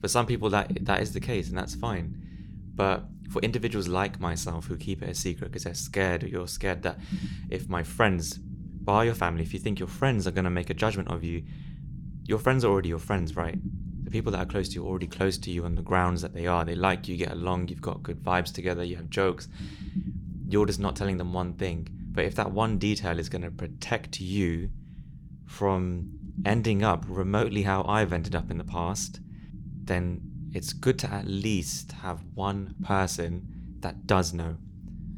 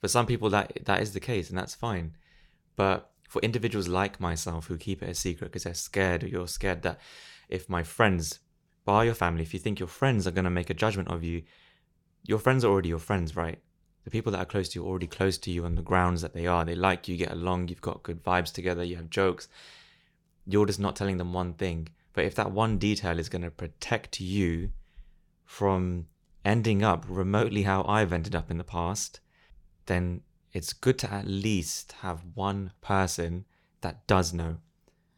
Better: second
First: low rumble; noticeable; throughout; 20 dB below the speech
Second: none

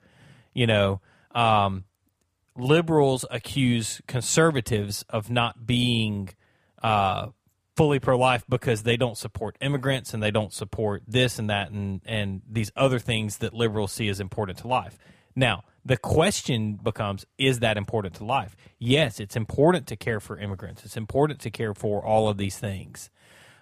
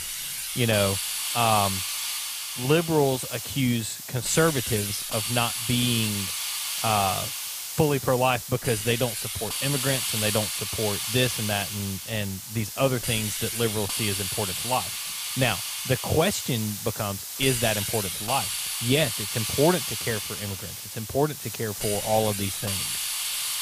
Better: first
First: none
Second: hiss; loud; throughout; 2 dB below the speech

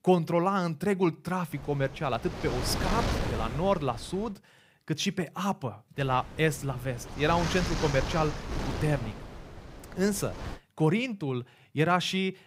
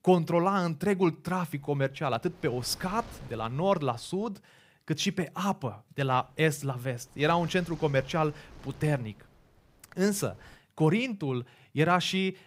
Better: second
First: wind noise on the microphone; heavy; from 1.5 to 4.5 s and from 6 to 11 s; 6 dB below the speech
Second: wind noise on the microphone; occasional gusts; from 1.5 to 4.5 s and from 6 to 11 s; 25 dB below the speech

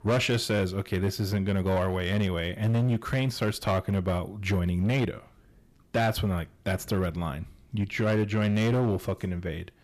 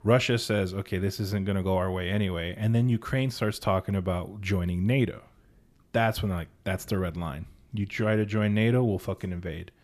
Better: second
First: distortion; slight; 10% of the sound clipped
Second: none

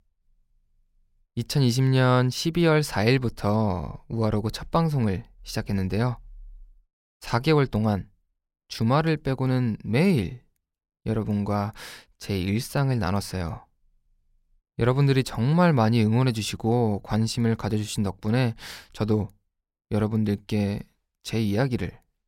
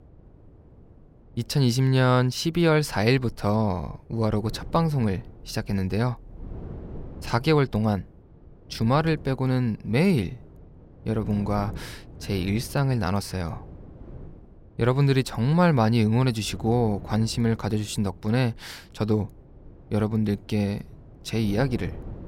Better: first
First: none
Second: wind noise on the microphone; occasional gusts; 25 dB below the speech

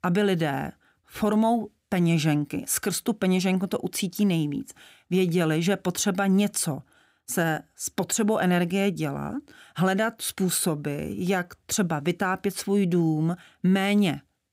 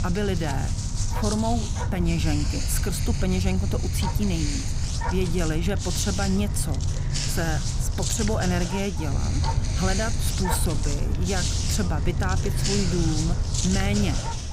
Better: first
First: none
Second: animal sounds; very loud; throughout; 2 dB above the speech

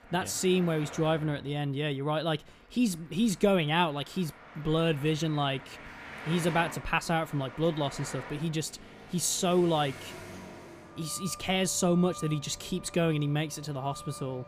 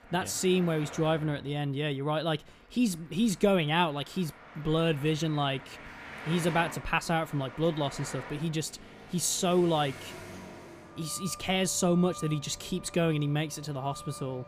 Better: neither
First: traffic noise; noticeable; throughout; 15 dB below the speech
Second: traffic noise; noticeable; throughout; 15 dB below the speech

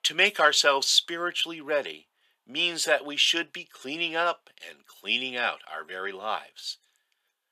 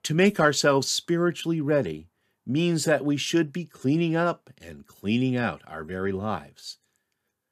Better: second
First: thin; very; fading below 750 Hz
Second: none

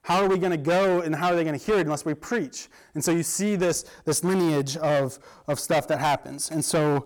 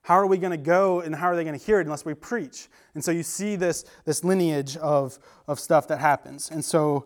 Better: second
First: distortion; heavy; 15% of the sound clipped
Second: none

